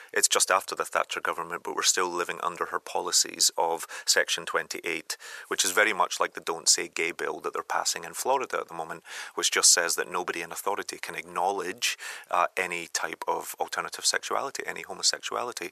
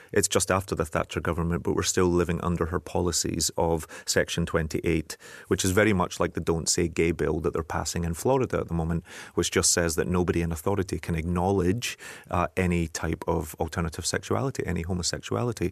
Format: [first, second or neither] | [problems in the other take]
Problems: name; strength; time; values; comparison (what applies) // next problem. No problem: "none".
second | thin; very; fading below 800 Hz